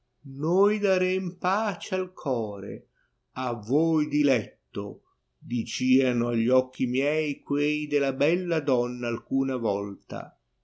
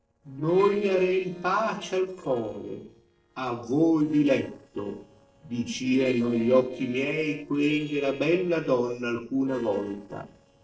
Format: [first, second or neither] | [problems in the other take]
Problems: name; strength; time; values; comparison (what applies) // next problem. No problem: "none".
first | noise reduction (neural separator model SepFormer DNS4)